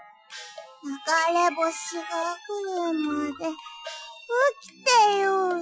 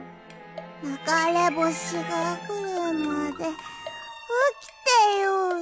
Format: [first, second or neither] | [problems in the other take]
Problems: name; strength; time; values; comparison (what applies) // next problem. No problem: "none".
second | noise reduction (classical method Wiener filter)